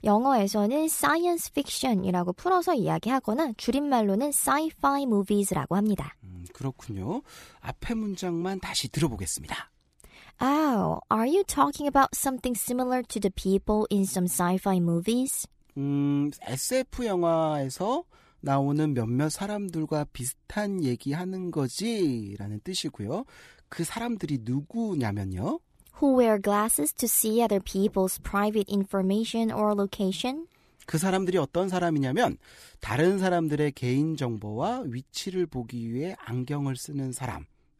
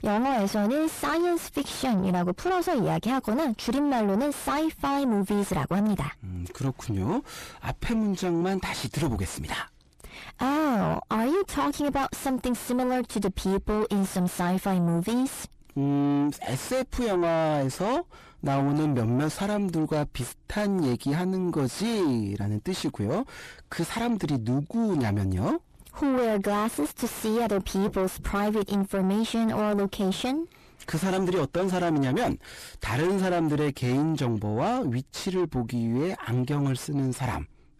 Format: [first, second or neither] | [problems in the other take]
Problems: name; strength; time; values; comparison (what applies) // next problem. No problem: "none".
first | distortion; heavy; 6 dB below the speech